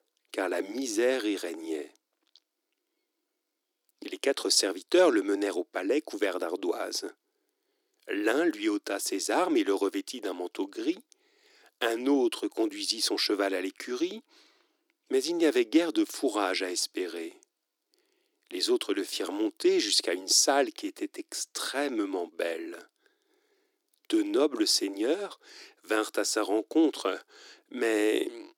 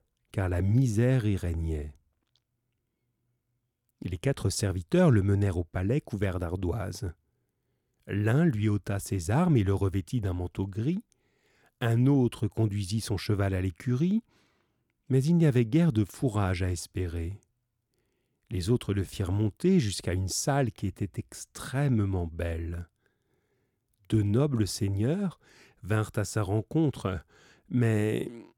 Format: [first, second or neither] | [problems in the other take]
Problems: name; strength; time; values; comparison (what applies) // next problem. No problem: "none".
second | thin; very; fading below 300 Hz